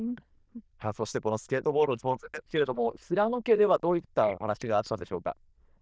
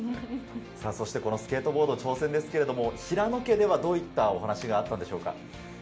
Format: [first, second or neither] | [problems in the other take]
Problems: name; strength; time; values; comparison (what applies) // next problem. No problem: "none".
second | noise reduction (neural diffusion model UNIVERSE++)